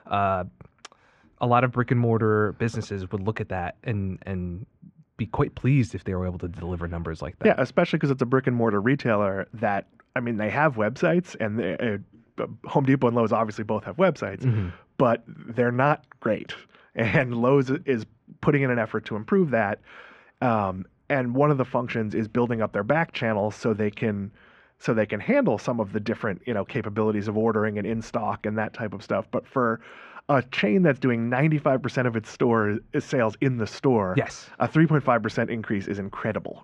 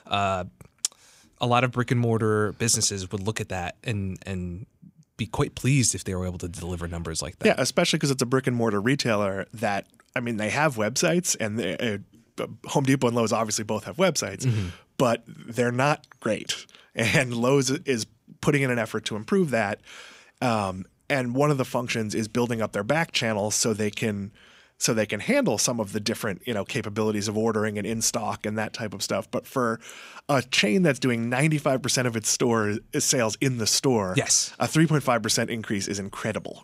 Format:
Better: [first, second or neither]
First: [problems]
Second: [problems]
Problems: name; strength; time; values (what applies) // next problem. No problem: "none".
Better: second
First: muffled; very; fading above 1.5 kHz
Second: none